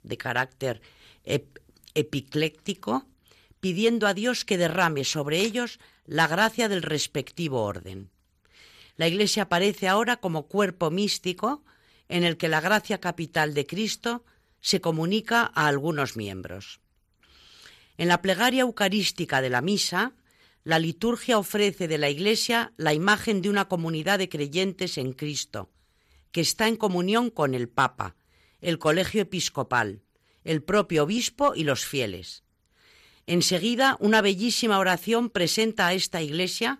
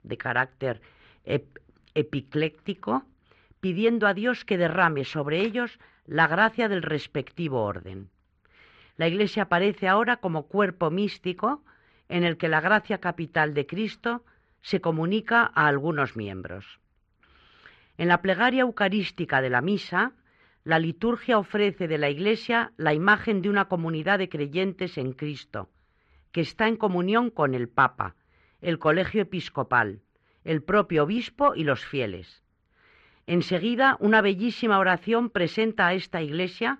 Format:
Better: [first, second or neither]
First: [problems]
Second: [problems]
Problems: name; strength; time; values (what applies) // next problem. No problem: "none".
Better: first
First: none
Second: muffled; very; fading above 2.5 kHz